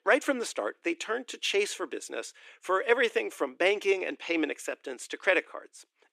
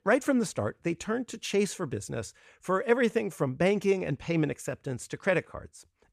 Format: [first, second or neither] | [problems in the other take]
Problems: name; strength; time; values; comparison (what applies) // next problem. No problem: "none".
second | thin; somewhat; fading below 300 Hz